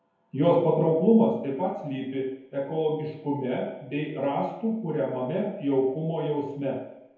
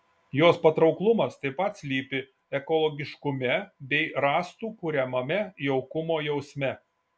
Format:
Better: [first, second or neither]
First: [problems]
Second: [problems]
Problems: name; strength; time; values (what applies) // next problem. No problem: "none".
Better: second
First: room echo; dies away in 0.9 s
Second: none